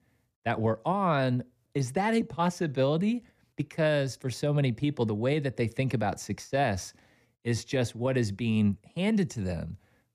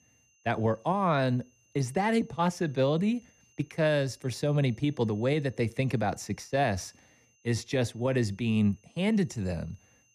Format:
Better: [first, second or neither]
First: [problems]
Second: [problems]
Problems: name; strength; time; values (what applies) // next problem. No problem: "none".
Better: first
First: none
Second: high-pitched whine; faint; throughout; 6.5 kHz, 35 dB below the speech